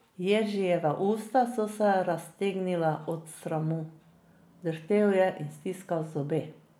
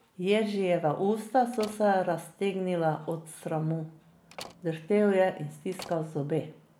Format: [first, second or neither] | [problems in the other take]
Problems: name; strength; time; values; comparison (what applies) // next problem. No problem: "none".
first | background sound (Slam); 20 dB below the speech